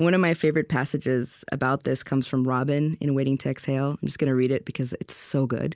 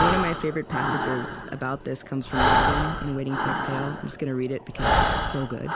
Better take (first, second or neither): first